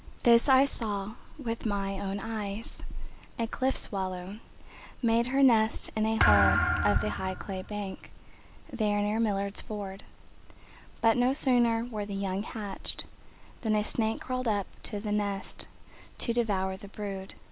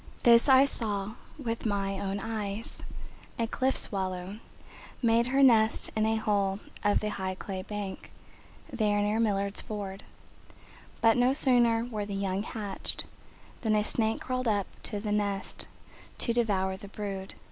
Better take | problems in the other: second | background sound (Thump, thud); 1 dB below the speech

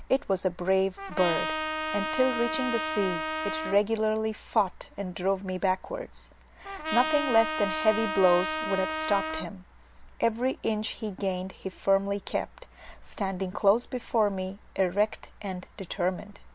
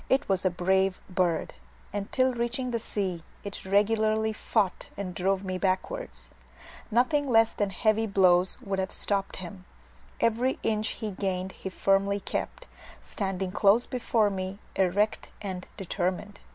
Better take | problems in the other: second | background sound (Trumpet); 4 dB below the speech

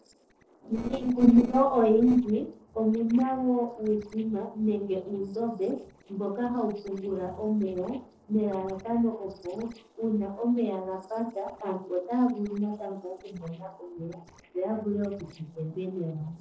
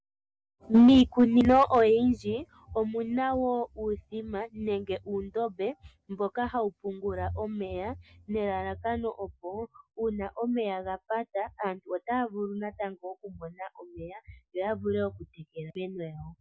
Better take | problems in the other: second | noise reduction (neural separator model SepFormer DNS4)

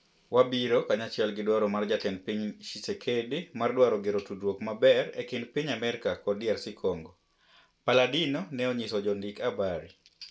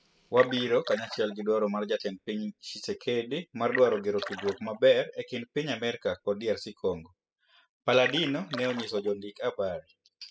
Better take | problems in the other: first | noise reduction (classical method spectral subtraction)

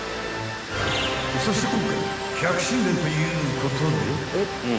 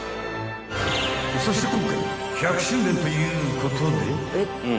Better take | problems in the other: second | background sound (Water); 11 dB below the speech

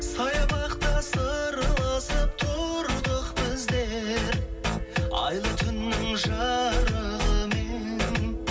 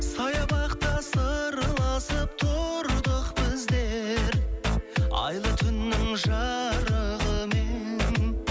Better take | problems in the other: second | room echo; dies away in 0.2 s

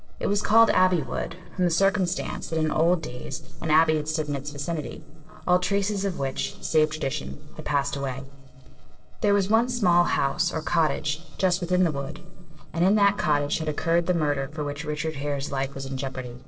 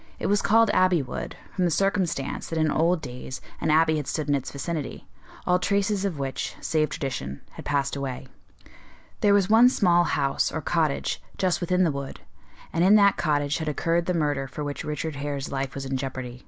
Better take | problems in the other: second | noise reduction (neural separator model SepFormer DNS4)

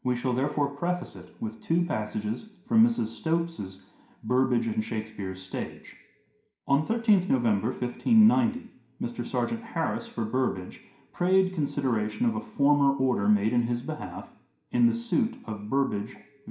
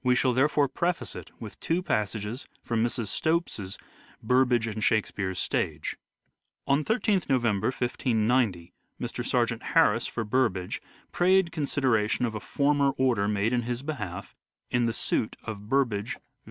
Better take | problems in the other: second | room echo; dies away in 0.5 s

